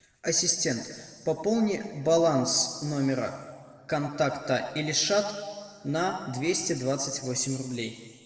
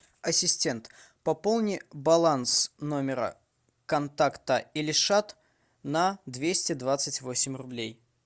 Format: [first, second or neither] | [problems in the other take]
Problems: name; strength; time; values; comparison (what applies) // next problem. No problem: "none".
second | room echo; dies away in 1.7 s